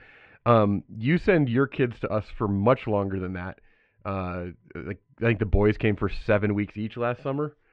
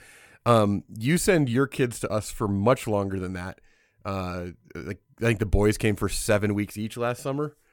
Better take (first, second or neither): second